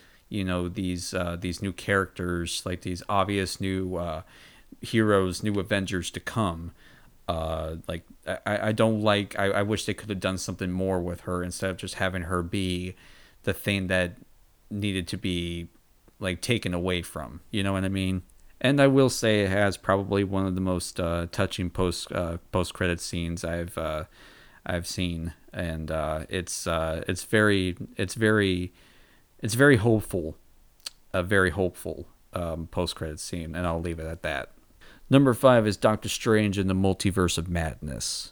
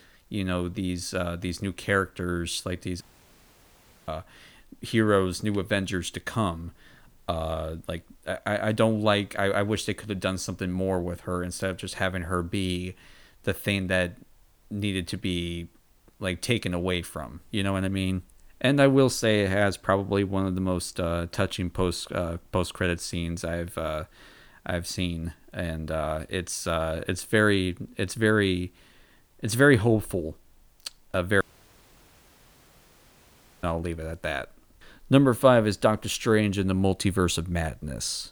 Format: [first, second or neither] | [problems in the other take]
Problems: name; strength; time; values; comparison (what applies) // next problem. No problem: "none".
first | audio cutting out; at 3 s for 1 s and at 31 s for 2 s